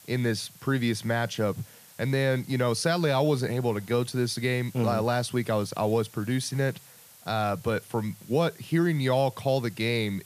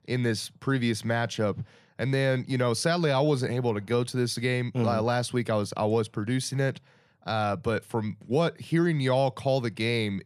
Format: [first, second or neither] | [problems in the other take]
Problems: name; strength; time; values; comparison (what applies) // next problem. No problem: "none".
second | hiss; faint; throughout; 20 dB below the speech